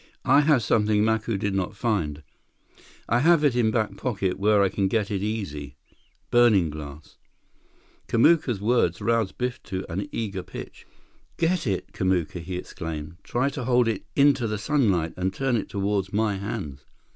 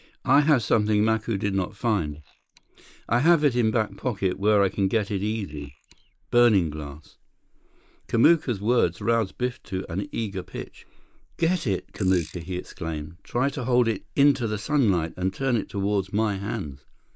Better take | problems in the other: first | noise reduction (neural mask model Resemble Enhance denoiser)

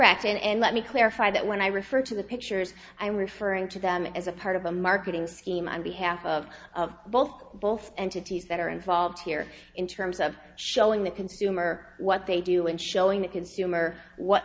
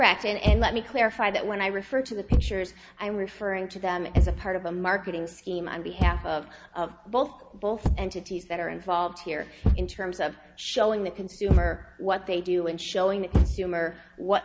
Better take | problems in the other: first | background sound (Thump, thud); 2 dB below the speech

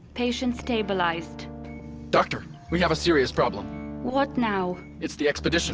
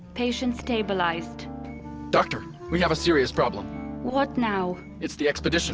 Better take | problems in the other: first | background sound (Wind instrument, woodwind instrument); 17 dB below the speech

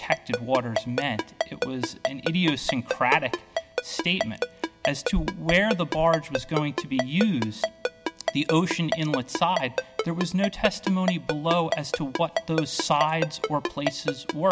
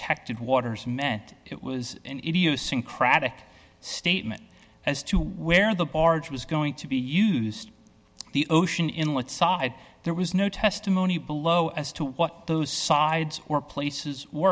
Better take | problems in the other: second | background sound (Ringtone); 4 dB below the speech

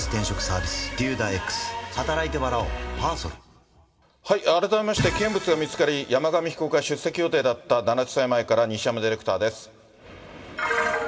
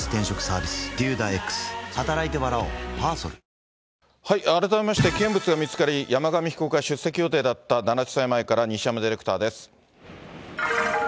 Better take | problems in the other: second | room echo; dies away in 1.8 s

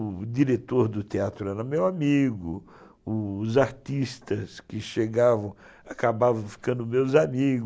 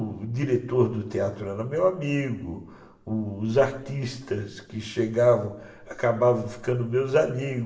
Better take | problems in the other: first | room echo; dies away in 0.7 s

